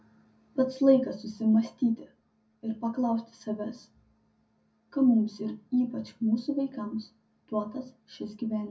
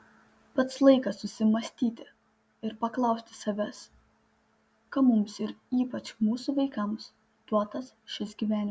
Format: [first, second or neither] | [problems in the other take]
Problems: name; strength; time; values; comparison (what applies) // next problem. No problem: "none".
second | room echo; dies away in 0.4 s